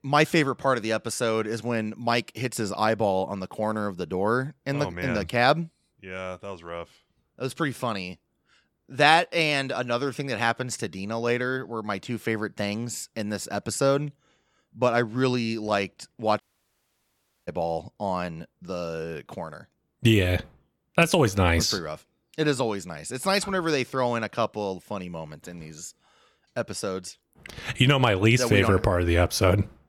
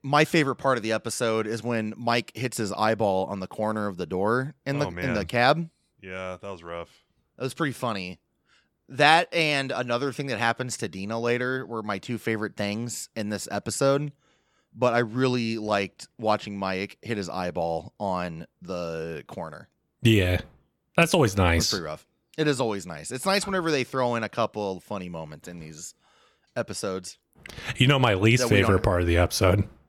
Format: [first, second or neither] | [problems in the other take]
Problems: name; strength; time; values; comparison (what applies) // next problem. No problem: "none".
second | audio cutting out; at 16 s for 1 s